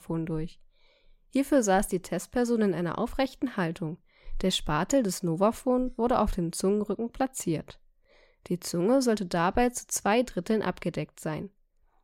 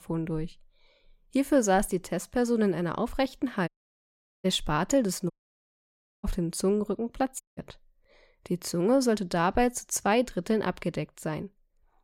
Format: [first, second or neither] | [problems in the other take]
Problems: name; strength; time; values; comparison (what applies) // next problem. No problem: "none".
first | audio cutting out; at 3.5 s for 1 s, at 5.5 s for 1 s and at 7.5 s